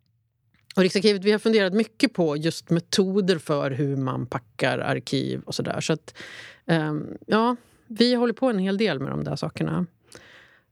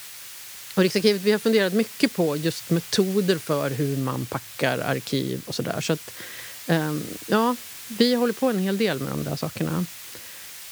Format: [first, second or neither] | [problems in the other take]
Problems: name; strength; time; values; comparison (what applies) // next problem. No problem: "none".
first | hiss; noticeable; throughout; 10 dB below the speech